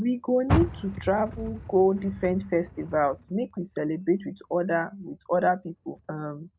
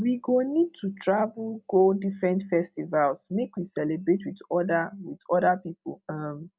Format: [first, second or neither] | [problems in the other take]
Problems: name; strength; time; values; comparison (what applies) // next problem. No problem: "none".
second | background sound (Car); 9 dB below the speech